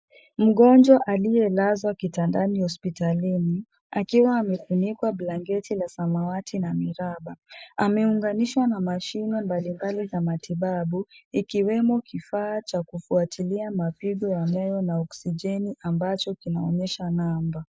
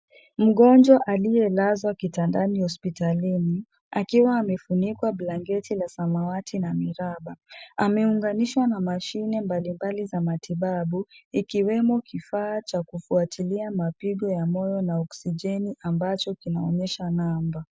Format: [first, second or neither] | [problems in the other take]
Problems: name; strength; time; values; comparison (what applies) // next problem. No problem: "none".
second | noise reduction (neural mask model Resemble Enhance denoiser)